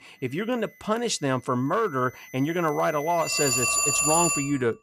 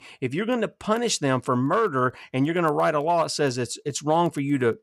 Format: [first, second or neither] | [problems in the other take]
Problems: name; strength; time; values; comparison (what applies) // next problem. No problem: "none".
second | alarms or sirens; very loud; throughout; 3 dB above the speech